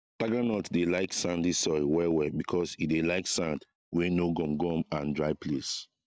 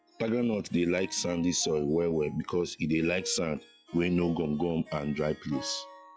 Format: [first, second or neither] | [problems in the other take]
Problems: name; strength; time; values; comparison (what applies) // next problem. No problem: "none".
first | noise reduction (classical method log-MMSE)